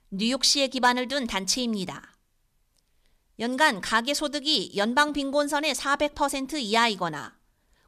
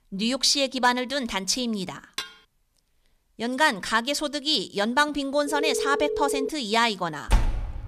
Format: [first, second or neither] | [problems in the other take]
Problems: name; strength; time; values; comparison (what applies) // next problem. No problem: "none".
first | clattering dishes; faint; at 2 s; peak 10 dB below the speech // phone ringing; noticeable; from 5.5 to 6.5 s; peak 3 dB below the speech // door banging; noticeable; at 7.5 s; peak 2 dB below the speech